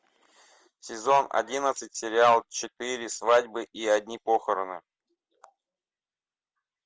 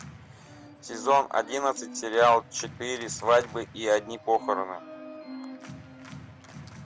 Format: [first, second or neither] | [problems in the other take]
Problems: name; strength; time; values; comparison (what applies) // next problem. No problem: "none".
first | background sound (Organ); 15 dB below the speech